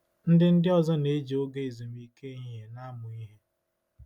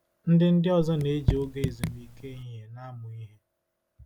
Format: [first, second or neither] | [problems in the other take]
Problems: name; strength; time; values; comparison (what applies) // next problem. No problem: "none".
first | background sound (Raindrop / Drip); 3 dB below the speech